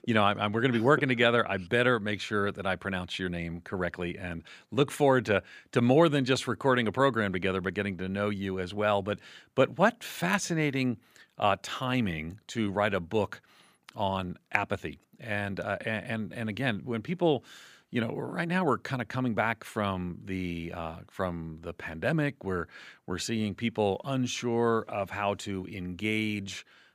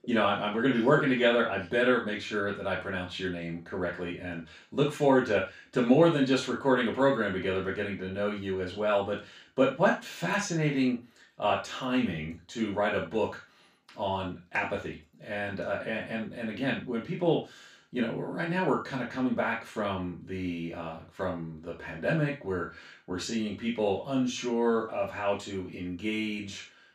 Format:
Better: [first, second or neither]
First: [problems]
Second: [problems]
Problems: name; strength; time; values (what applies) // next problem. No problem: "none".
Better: first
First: none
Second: room echo; noticeable; dies away in 0.3 s // off-mic speech; far